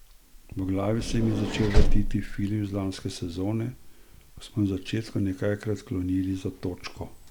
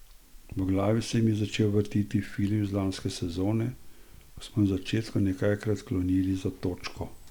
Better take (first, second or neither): second